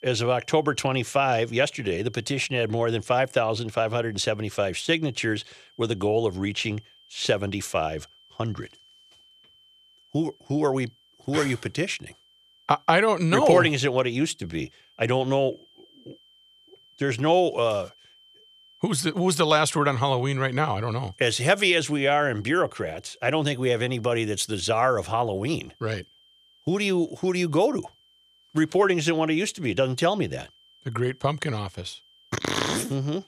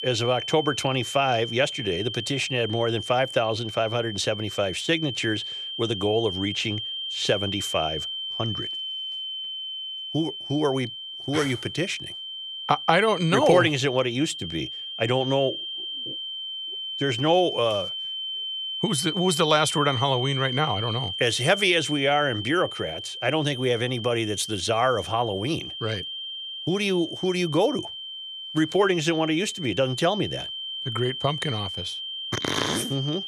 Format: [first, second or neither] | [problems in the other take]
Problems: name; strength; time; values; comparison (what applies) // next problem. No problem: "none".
first | high-pitched whine; loud; throughout; 3 kHz, 6 dB below the speech; faint in the first